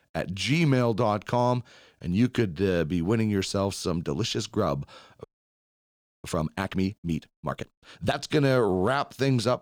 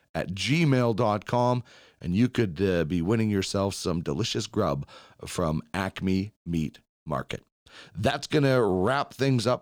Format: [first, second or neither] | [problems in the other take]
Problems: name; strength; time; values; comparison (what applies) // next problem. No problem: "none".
second | audio freezing; at 5 s for 1 s